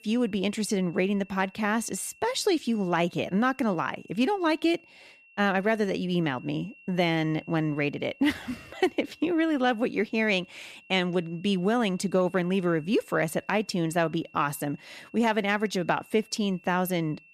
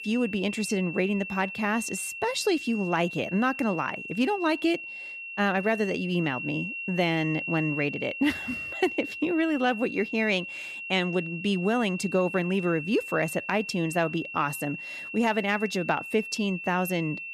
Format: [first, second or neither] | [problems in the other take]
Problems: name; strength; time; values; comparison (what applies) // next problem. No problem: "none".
first | high-pitched whine; loud; throughout; 2.5 kHz, 8 dB below the speech; faint in the first